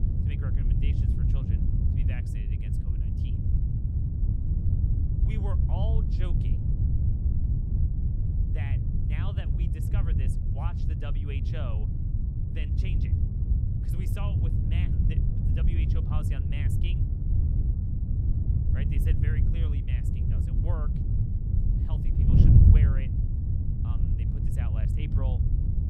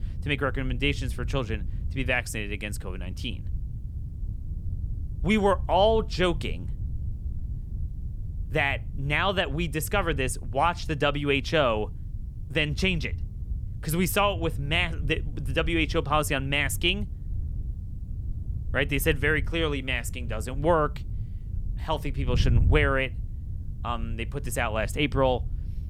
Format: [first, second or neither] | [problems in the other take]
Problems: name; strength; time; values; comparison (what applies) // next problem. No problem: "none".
second | wind noise on the microphone; heavy; 4 dB above the speech; occasional gusts in the second